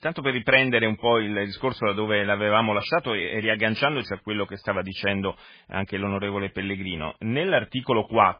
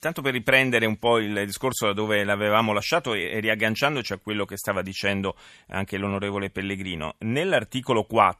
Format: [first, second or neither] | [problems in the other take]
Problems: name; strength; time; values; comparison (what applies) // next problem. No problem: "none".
second | garbled, watery; badly; nothing above 5 kHz